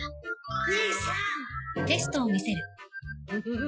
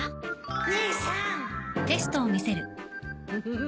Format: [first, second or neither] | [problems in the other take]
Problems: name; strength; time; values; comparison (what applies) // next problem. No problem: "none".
second | noise reduction (classical method Wiener filter)